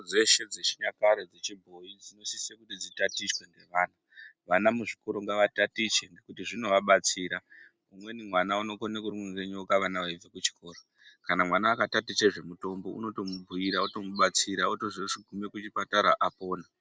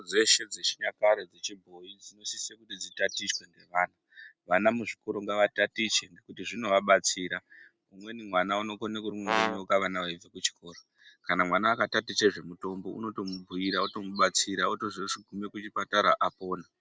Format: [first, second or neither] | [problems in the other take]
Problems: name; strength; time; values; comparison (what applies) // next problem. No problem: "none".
first | background sound (Brass instrument); 1 dB below the speech